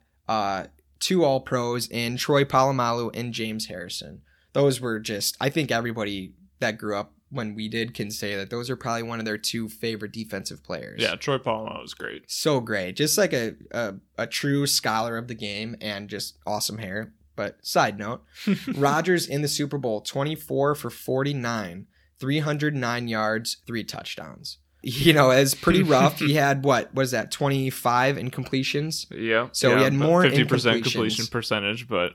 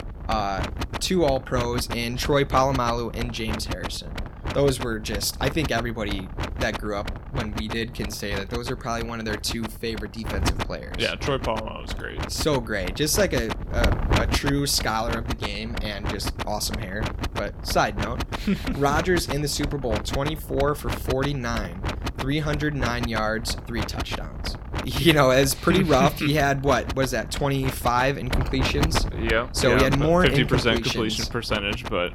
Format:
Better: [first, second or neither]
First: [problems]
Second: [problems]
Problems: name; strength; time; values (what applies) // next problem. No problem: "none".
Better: first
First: none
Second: wind noise on the microphone; heavy; 8 dB below the speech